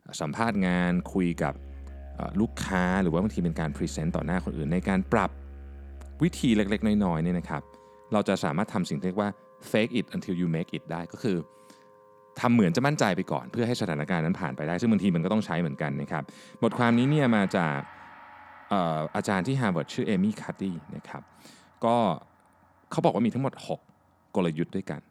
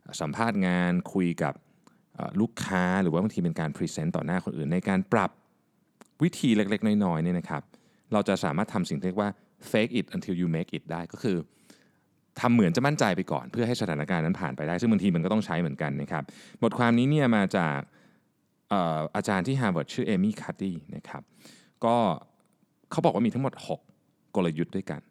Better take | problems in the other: second | background music; noticeable; throughout; 20 dB below the speech

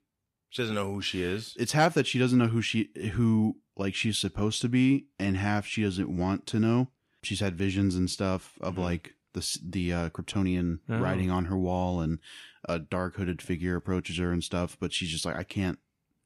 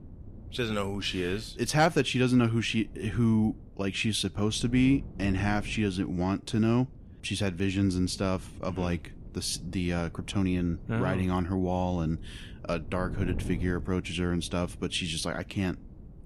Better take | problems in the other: first | wind noise on the microphone; occasional gusts; 20 dB below the speech

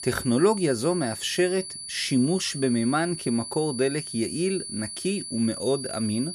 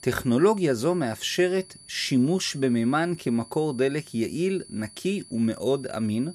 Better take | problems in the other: second | high-pitched whine; loud; throughout; 10 kHz, 8 dB below the speech; faint in the second

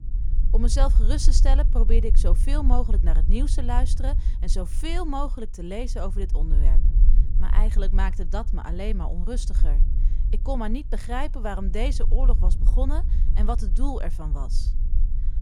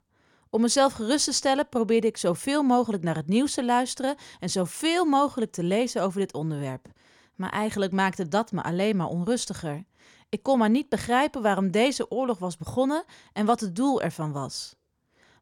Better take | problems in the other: second | low rumble; noticeable; throughout; 15 dB below the speech

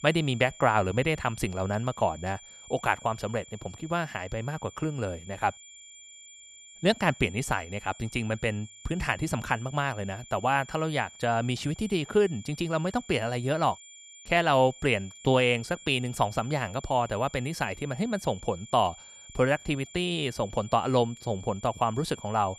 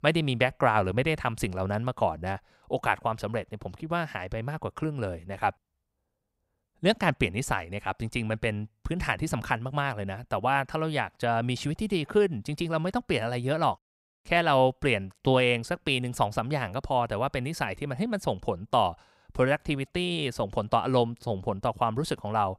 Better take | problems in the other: second | high-pitched whine; noticeable; throughout; 7 kHz, 20 dB below the speech

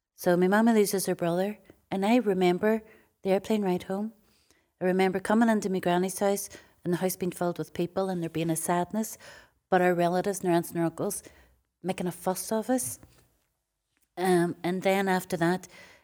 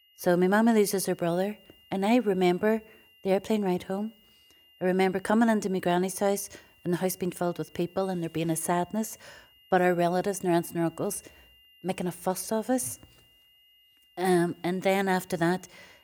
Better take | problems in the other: first | high-pitched whine; faint; throughout; 3 kHz, 30 dB below the speech

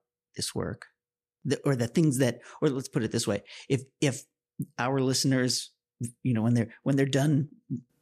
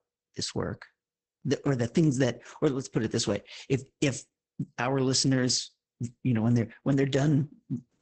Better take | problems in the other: first | garbled, watery; badly; nothing above 8 kHz

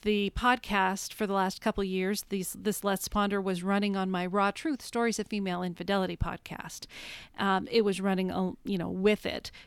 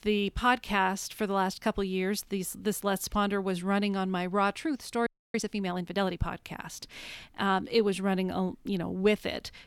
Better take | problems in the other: first | audio freezing; at 5 s

